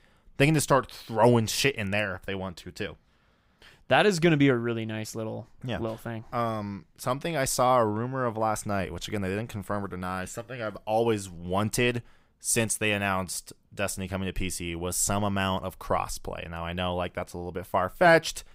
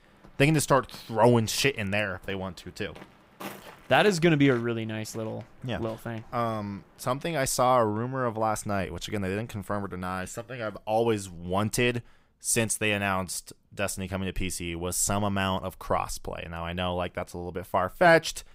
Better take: first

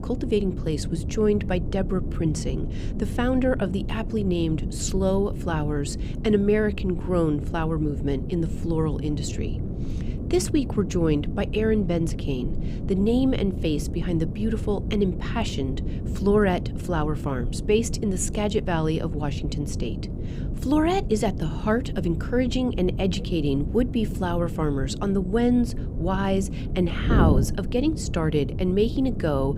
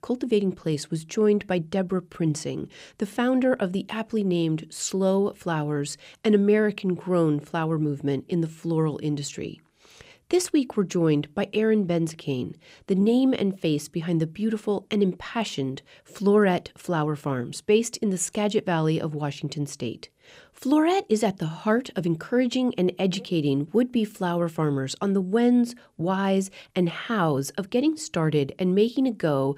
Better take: second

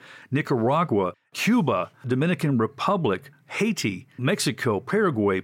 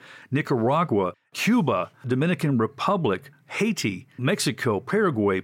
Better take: neither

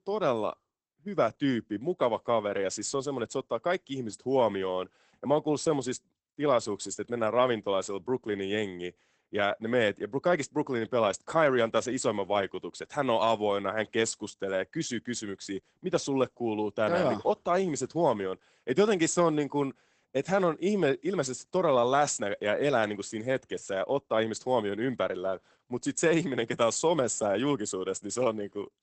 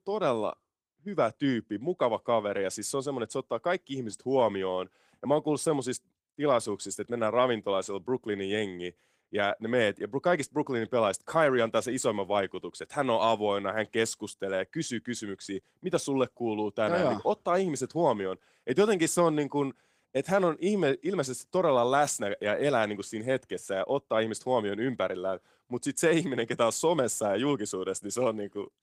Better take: second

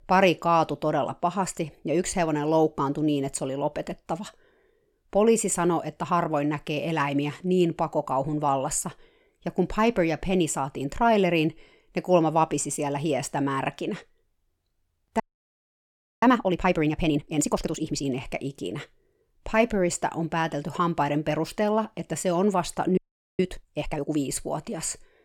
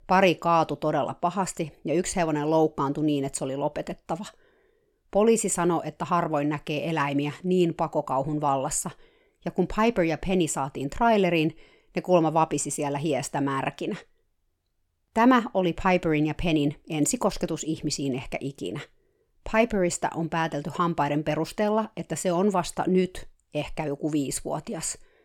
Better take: second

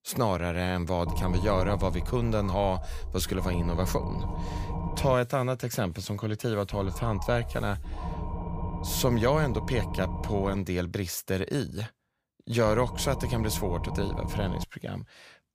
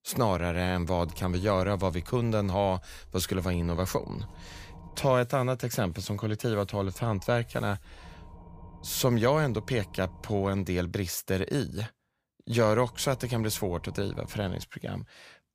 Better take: second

